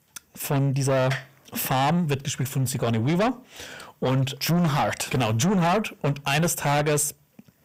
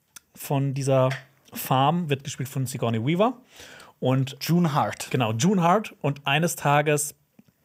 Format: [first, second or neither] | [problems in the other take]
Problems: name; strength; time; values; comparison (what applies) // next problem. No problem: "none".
second | distortion; heavy; 6 dB below the speech